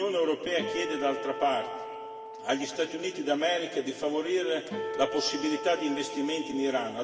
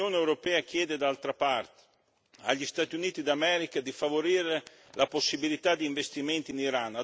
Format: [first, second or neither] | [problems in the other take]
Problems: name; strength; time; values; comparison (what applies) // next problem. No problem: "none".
second | background sound (Acoustic guitar); 10 dB below the speech // room echo; dies away in 2.3 s